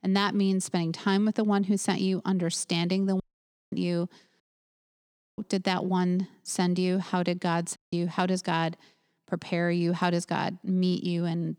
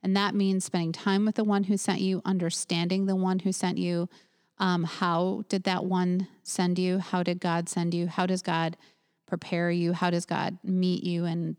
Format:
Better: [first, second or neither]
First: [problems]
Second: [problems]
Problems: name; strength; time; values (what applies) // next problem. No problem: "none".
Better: second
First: audio cutting out; at 3 s for 0.5 s, at 4.5 s for 1 s and at 8 s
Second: none